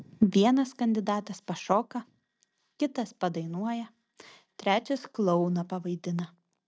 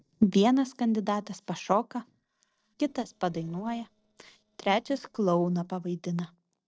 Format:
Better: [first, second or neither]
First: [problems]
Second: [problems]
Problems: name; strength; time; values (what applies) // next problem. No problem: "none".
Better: first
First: none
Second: noise reduction (neural separator model SepFormer DNS4)